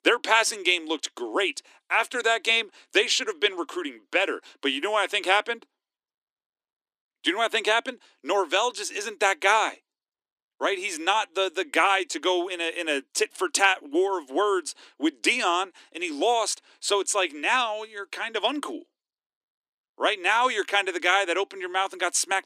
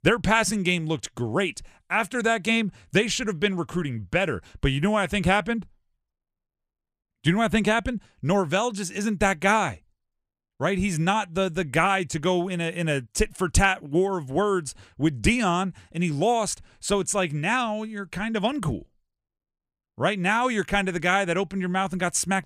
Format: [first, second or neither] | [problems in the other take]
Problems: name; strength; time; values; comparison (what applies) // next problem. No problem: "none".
second | thin; very; fading below 300 Hz